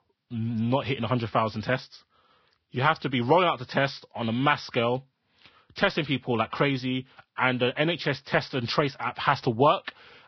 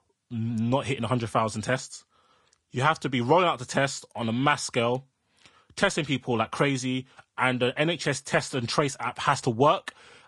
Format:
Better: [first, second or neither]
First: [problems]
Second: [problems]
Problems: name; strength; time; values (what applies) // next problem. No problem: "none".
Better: second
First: garbled, watery; badly; nothing above 5.5 kHz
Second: garbled, watery; slightly